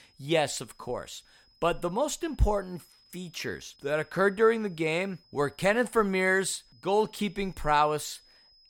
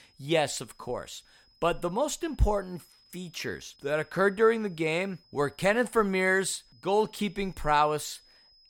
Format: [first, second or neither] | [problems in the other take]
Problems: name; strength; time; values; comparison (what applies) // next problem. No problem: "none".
neither | high-pitched whine; faint; throughout; 5 kHz, 30 dB below the speech; the same in both